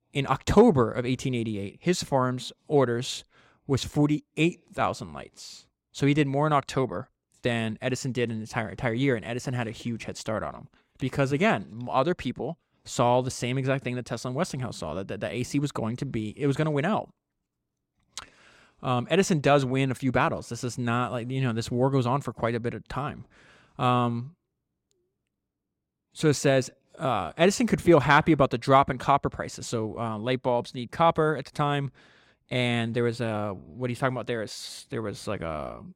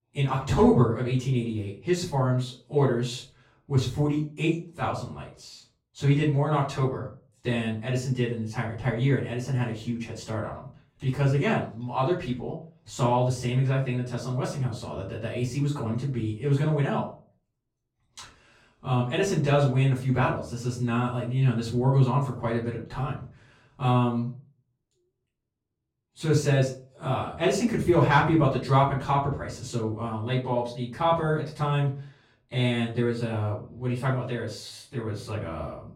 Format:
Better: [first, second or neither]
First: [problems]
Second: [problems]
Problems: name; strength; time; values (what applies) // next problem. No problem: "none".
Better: first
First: none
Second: room echo; slight; dies away in 0.3 s // off-mic speech; far